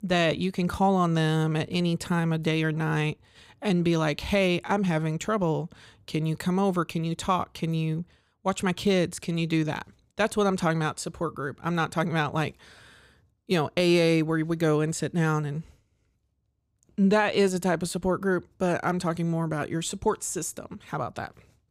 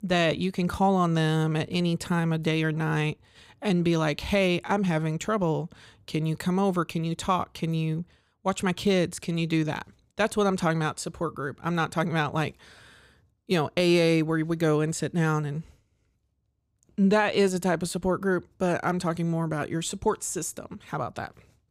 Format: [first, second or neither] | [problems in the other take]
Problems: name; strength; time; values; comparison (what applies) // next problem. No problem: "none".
neither | none